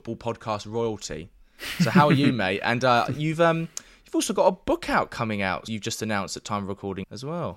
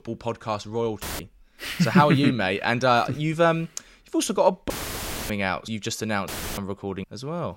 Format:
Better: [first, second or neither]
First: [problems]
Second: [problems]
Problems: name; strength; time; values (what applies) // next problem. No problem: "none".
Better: first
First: none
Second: audio cutting out; filled with static; at 1 s, at 4.5 s for 0.5 s and at 6.5 s